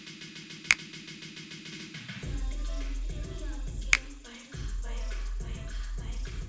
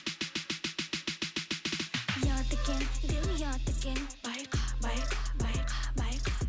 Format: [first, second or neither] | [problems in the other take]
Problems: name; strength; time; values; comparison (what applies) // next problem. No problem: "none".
second | background sound (Finger snapping); 1 dB below the speech // room echo; dies away in 0.7 s